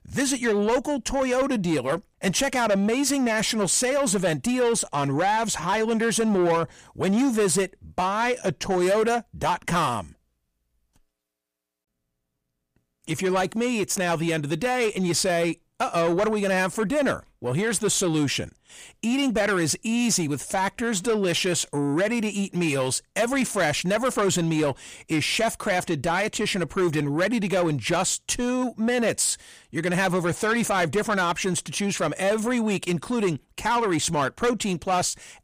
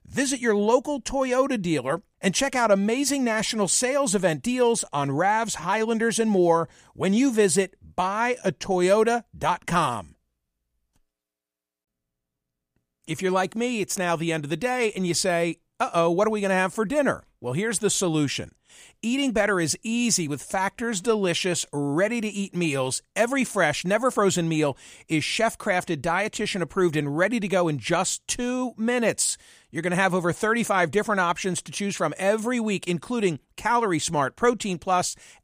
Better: second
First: distortion; slight; 10 dB below the speech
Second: none

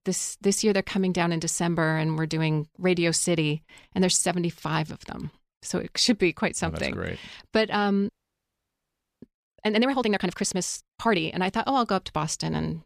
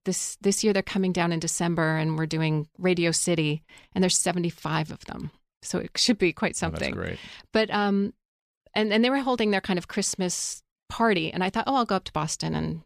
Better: second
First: audio freezing; at 8 s for 1 s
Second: none

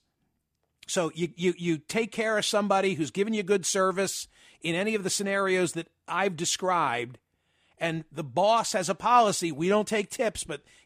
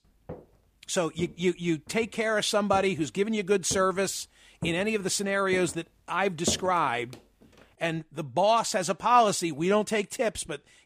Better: first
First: none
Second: footsteps; noticeable; until 7 s; peak 8 dB below the speech

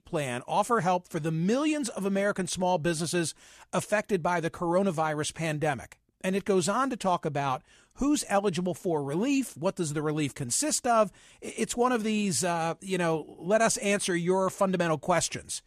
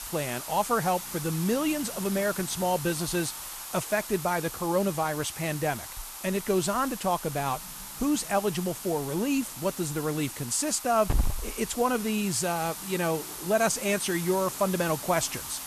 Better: first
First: none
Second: hiss; loud; throughout; 8 dB below the speech

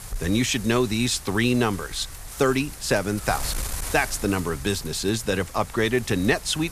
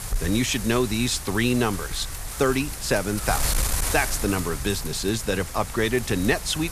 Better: first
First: wind noise on the microphone; occasional gusts; 15 dB below the speech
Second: wind noise on the microphone; heavy; 7 dB below the speech

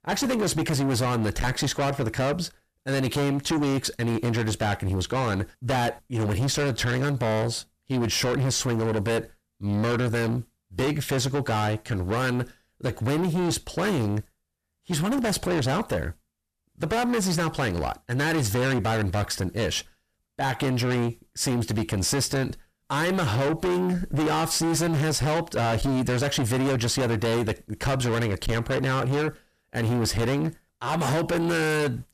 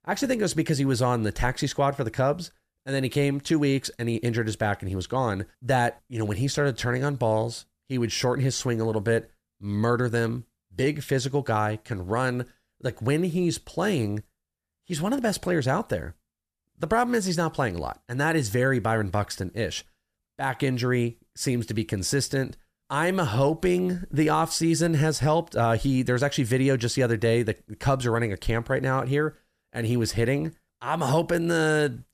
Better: second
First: distortion; heavy; 6 dB below the speech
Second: none

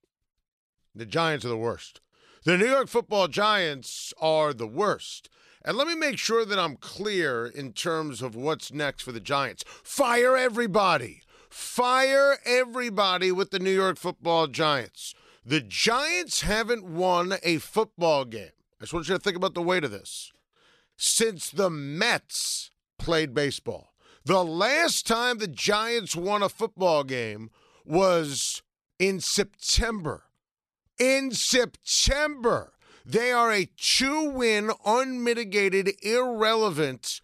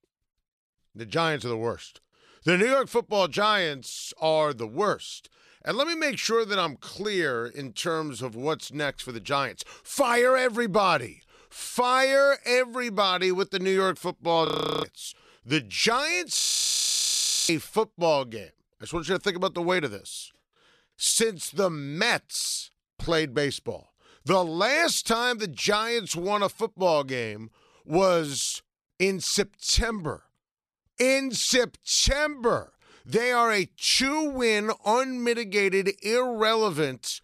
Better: first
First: none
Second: audio freezing; at 14 s and at 16 s for 1 s

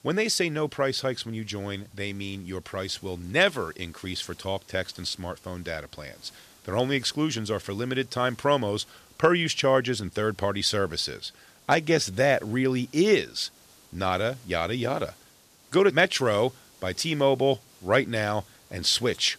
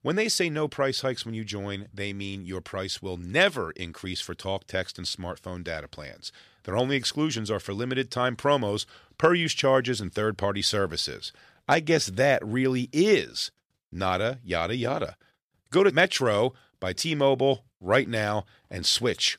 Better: second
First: hiss; faint; throughout; 25 dB below the speech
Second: none

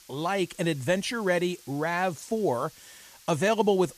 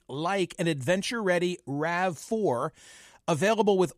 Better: second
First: hiss; faint; throughout; 25 dB below the speech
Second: none

